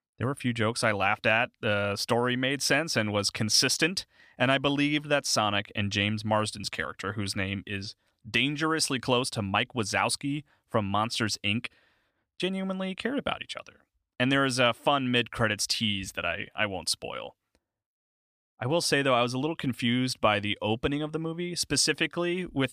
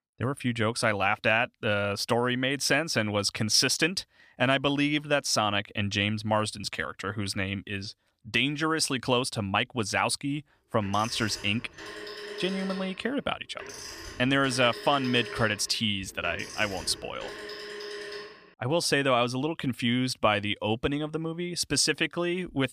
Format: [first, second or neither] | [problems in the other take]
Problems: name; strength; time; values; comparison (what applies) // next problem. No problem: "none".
first | phone ringing; noticeable; from 11 to 18 s; peak 10 dB below the speech